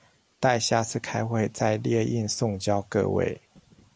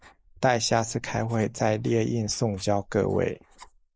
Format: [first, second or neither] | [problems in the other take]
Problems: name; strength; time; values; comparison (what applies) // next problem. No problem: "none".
first | noise reduction (neural mask model Resemble Enhance denoiser)